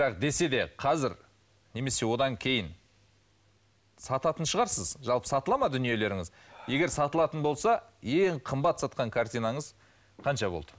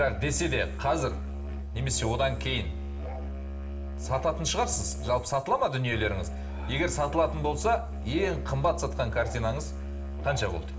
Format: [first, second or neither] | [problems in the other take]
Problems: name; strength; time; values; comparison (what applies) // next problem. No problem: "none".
first | background sound (Musical instrument); 5 dB below the speech // room echo; dies away in 0.7 s